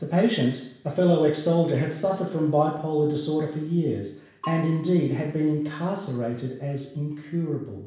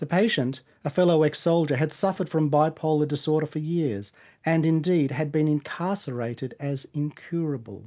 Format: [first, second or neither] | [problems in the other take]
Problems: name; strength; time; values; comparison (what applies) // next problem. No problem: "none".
second | background sound (Bell / Percussion); 20 dB below the speech // room echo; dies away in 0.7 s